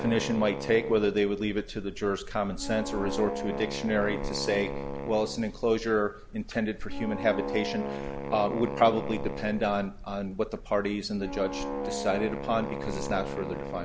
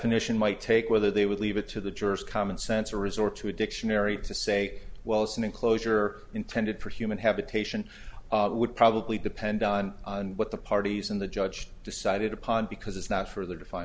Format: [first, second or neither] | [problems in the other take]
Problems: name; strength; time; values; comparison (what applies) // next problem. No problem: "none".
second | background sound (Wind instrument, woodwind instrument); 8 dB below the speech